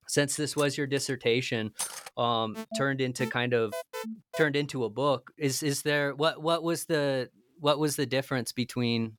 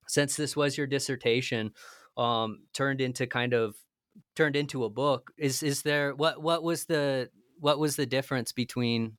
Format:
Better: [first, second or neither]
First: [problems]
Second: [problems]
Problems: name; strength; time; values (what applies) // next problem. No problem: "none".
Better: second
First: clattering dishes; noticeable; from 0.5 to 2 s; peak 6 dB below the speech // alarm; noticeable; from 2.5 to 4.5 s; peak 8 dB below the speech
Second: none